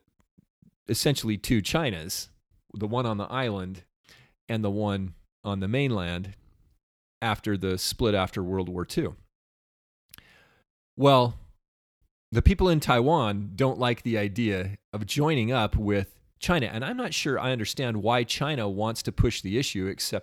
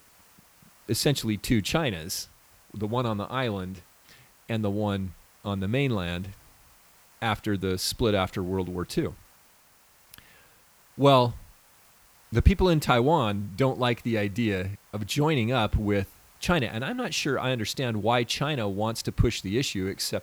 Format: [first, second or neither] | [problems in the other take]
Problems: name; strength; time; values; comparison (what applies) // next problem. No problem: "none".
first | hiss; faint; throughout; 30 dB below the speech